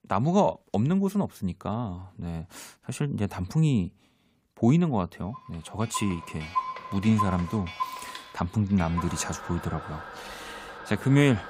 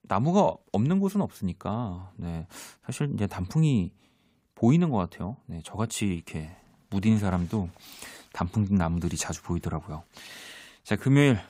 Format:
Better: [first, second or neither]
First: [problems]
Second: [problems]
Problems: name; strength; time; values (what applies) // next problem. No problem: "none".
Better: second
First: household noises; loud; from 6 s on; 9 dB below the speech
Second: none